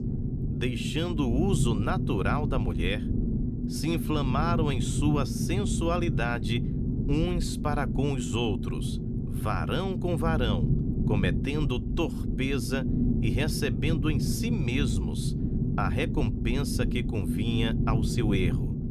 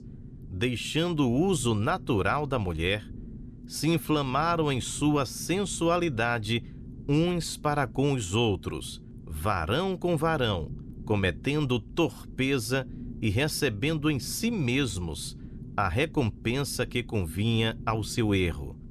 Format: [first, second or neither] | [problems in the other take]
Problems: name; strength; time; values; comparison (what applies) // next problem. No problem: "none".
second | low rumble; loud; throughout; 5 dB below the speech; faint in the second